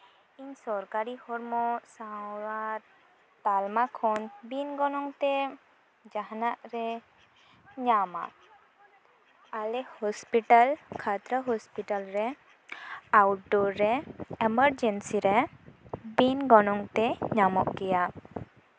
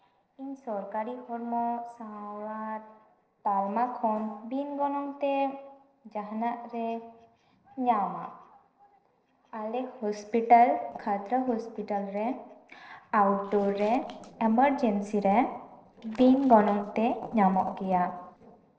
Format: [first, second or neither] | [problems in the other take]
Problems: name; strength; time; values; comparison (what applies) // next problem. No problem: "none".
first | noise reduction (neural separator model SepFormer DNS4)